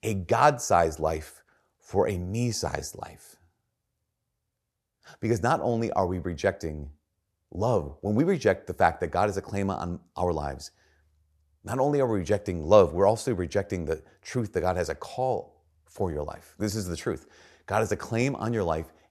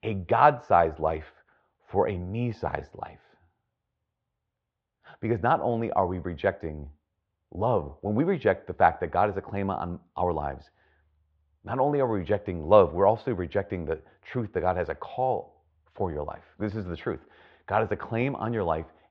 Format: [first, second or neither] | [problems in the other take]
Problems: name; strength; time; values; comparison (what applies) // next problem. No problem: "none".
first | muffled; very; fading above 3.5 kHz